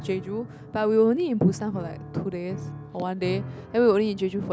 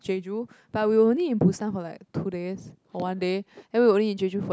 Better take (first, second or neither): second